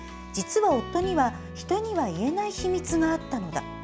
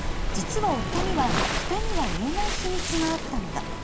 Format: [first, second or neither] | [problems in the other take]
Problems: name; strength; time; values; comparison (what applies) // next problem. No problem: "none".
first | background sound (Waves, surf); 2 dB above the speech // room echo; dies away in 0.8 s